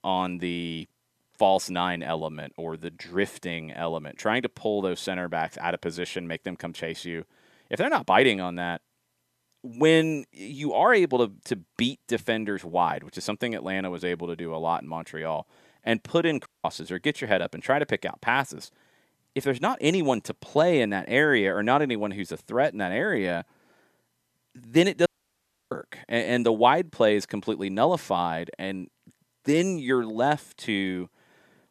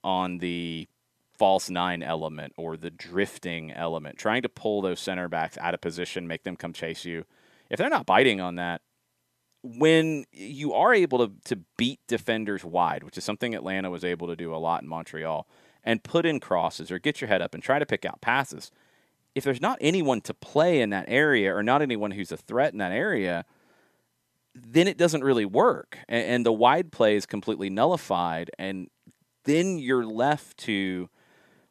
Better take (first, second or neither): second